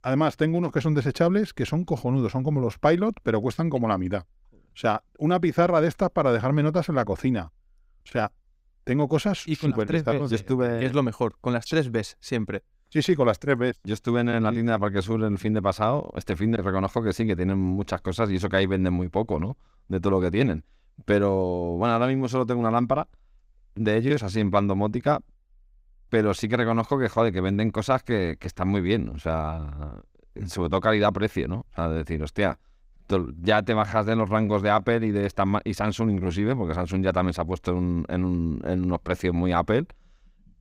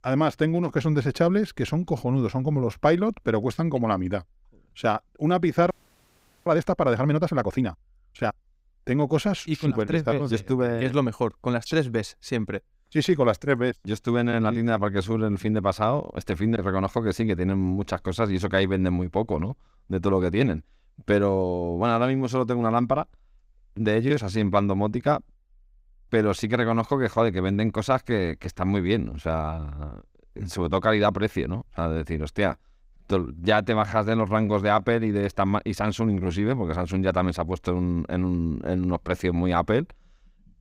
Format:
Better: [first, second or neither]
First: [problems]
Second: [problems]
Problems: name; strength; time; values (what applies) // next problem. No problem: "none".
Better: first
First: none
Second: audio freezing; at 5.5 s for 1 s